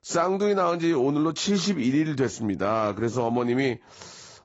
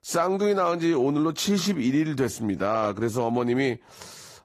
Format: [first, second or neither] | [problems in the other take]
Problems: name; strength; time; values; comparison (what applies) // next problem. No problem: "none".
second | garbled, watery; badly; nothing above 7.5 kHz; slightly in the second